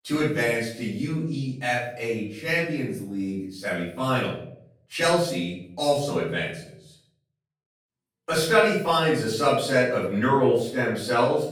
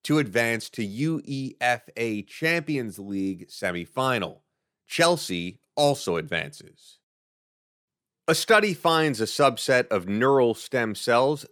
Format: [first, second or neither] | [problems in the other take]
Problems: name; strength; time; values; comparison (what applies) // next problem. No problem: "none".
second | off-mic speech; far // room echo; noticeable; dies away in 0.6 s